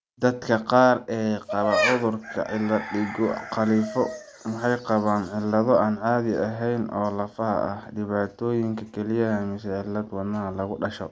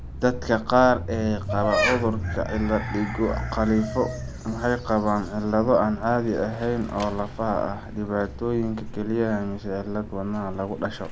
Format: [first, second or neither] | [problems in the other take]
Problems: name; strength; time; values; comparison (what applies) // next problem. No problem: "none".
first | background sound (Mechanisms / Bicycle); 9 dB below the speech